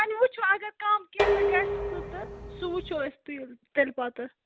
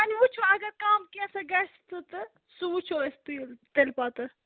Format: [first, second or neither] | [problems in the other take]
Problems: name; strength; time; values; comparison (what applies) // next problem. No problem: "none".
second | background sound (Dishes, pots, and pans); 1 dB below the speech